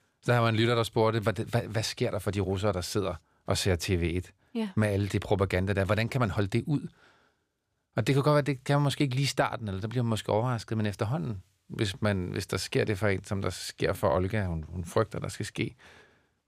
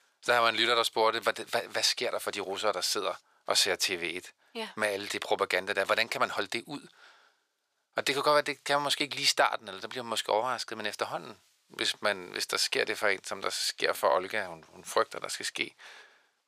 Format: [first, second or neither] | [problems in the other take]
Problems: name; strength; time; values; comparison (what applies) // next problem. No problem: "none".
first | thin; very; fading below 650 Hz